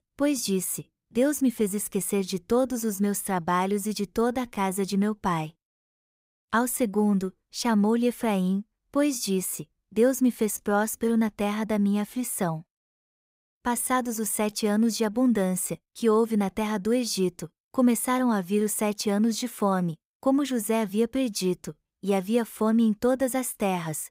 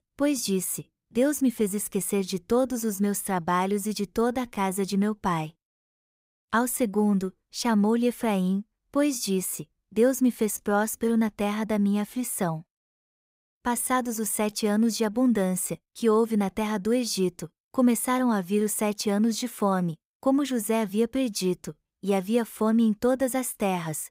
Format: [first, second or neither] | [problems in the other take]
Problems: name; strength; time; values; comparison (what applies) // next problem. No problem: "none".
neither | none